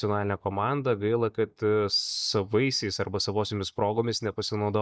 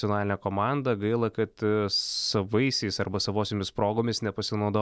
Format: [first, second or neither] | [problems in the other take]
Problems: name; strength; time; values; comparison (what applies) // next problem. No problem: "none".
second | noise reduction (neural mask model DeepFilterNet 3)